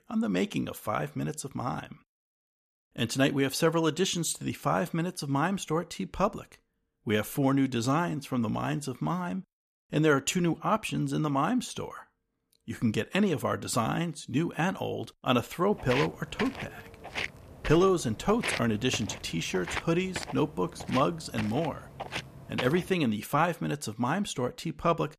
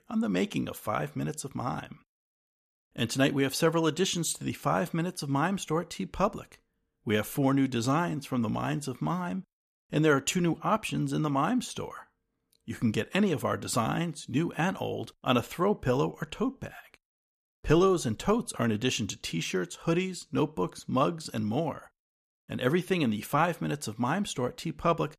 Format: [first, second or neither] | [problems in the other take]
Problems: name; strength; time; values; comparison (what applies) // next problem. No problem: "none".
second | footsteps; noticeable; from 16 to 23 s; peak 3 dB below the speech